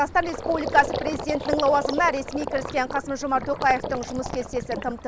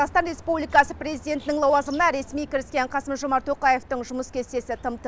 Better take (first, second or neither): second